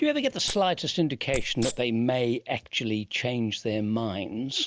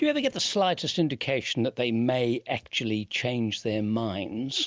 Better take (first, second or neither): second